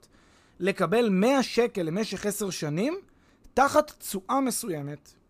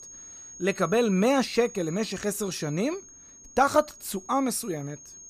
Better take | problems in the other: first | high-pitched whine; noticeable; throughout; 6.5 kHz, 15 dB below the speech

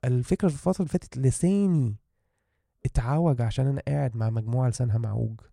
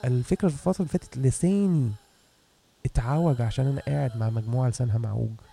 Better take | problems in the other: first | hiss; faint; throughout; 30 dB below the speech

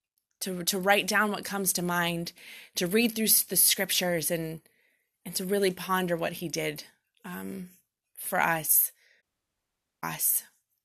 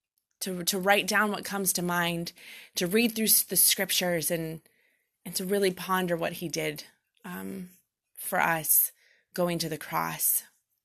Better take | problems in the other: second | audio cutting out; at 9 s for 1 s

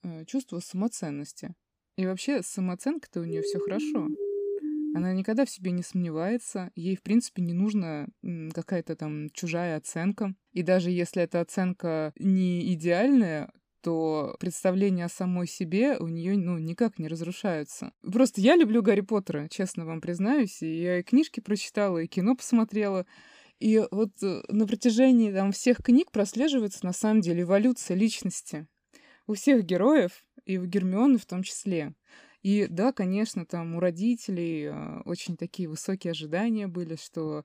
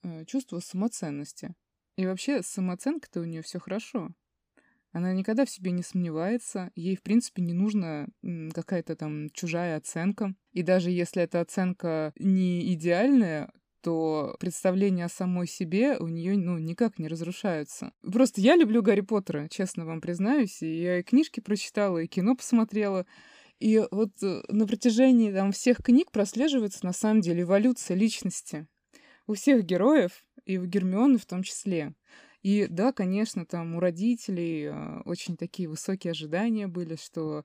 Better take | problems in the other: second | siren; noticeable; from 3.5 to 5 s; peak 3 dB below the speech

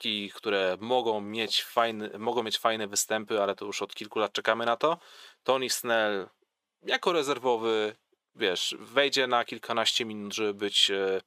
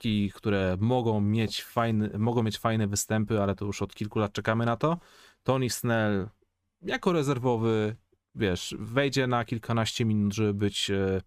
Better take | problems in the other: second | thin; very; fading below 500 Hz

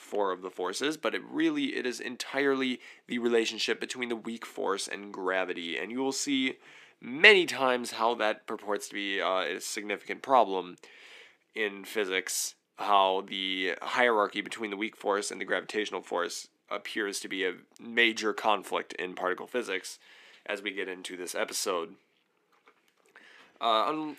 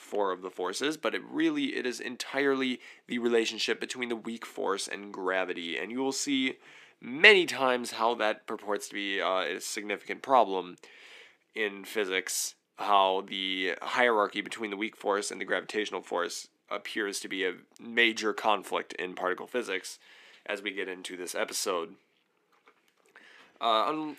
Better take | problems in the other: neither | thin; very slightly; fading below 250 Hz; the same in both

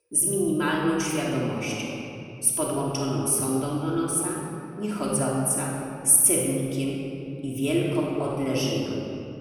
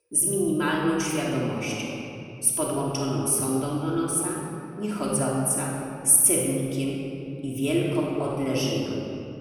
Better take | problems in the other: neither | off-mic speech; far; the same in both // room echo; noticeable; dies away in 2.6 s; the same in both

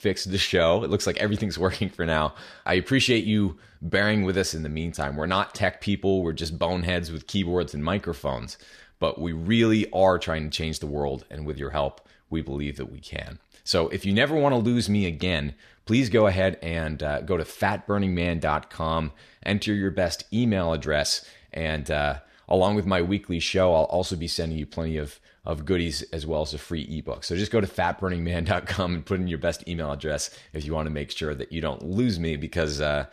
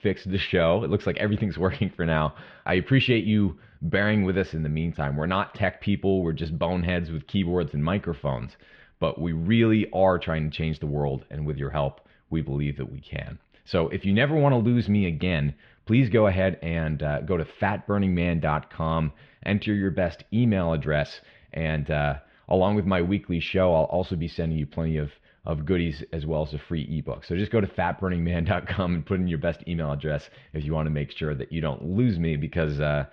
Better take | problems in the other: first | muffled; very; fading above 3 kHz

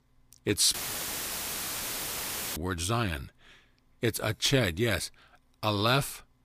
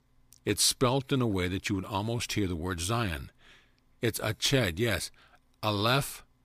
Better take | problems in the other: second | audio cutting out; filled with static; at 0.5 s for 2 s

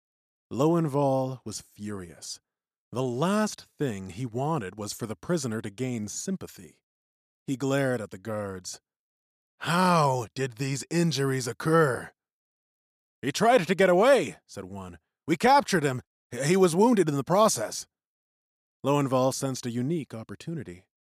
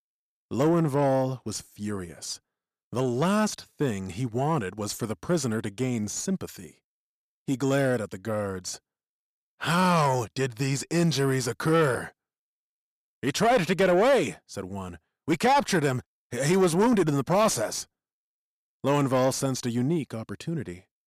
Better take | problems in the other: first | distortion; slight; 10 dB below the speech

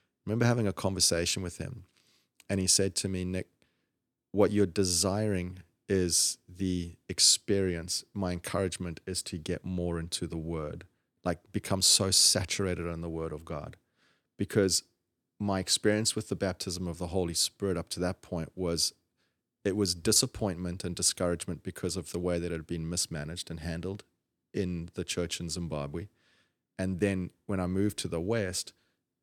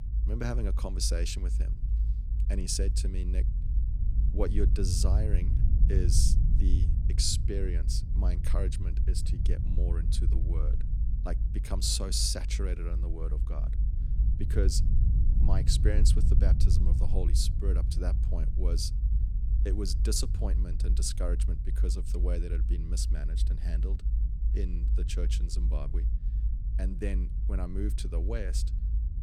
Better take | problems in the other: first | low rumble; loud; throughout; 10 dB below the speech

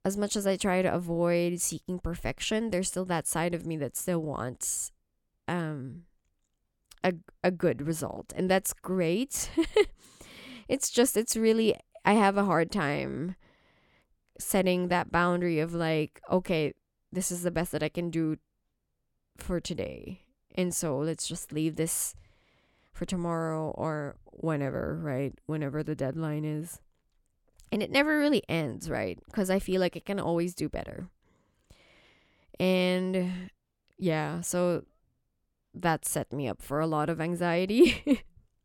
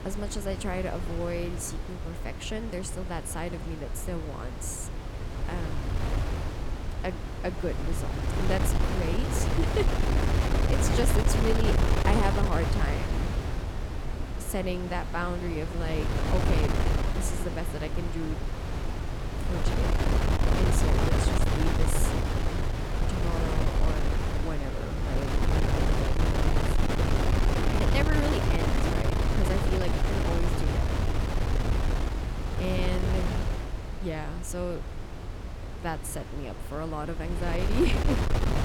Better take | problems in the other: first | wind noise on the microphone; heavy; 1 dB above the speech

